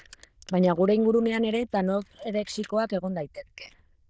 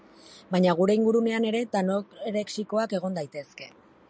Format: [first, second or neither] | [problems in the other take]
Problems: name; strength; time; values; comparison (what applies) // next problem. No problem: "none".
second | noise reduction (neural diffusion model UNIVERSE++)